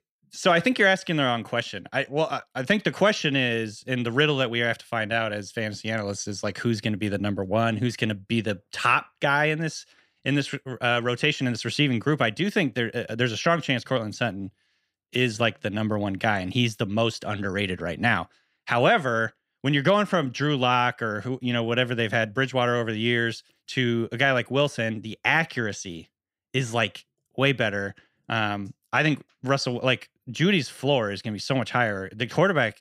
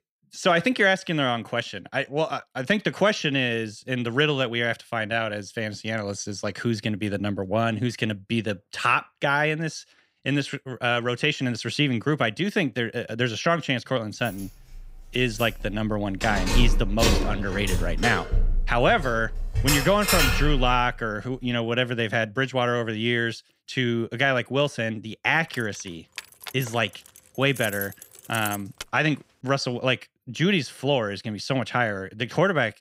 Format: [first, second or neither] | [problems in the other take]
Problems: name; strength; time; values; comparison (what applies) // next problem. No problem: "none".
first | jangling keys; loud; from 15 to 21 s; peak 4 dB above the speech // jangling keys; noticeable; from 26 to 29 s; peak 9 dB below the speech